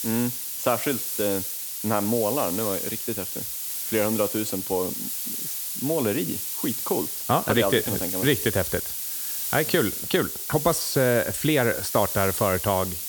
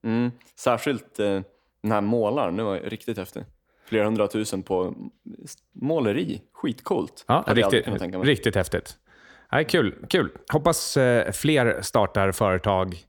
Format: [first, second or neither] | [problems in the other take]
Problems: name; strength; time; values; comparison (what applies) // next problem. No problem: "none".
second | hiss; loud; throughout; 2 dB below the speech